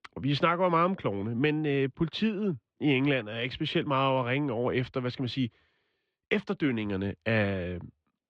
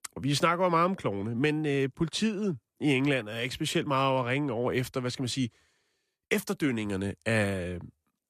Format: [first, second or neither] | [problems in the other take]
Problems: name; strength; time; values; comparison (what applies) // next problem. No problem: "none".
second | muffled; slightly; fading above 3.5 kHz